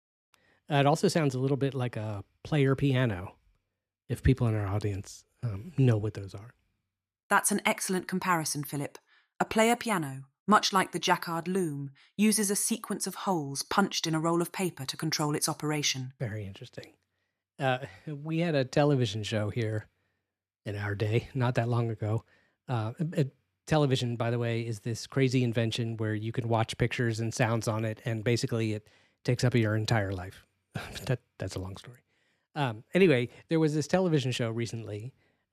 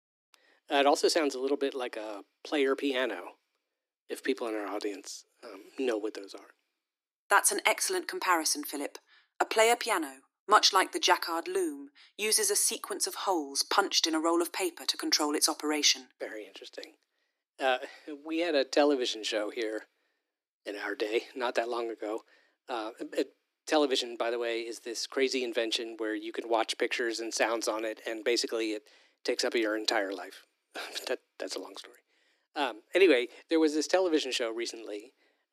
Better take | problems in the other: first | thin; somewhat; fading below 300 Hz

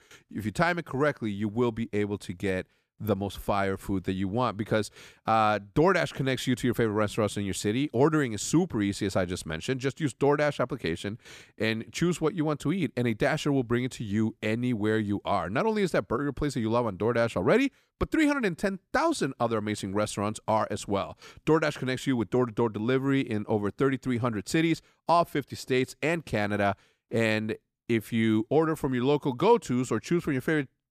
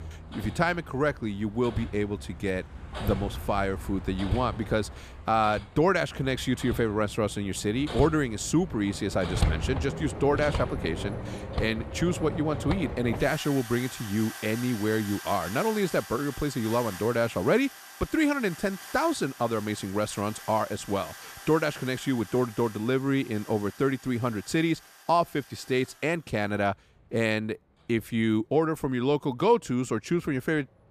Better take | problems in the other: first | machinery noise; noticeable; throughout; 10 dB below the speech

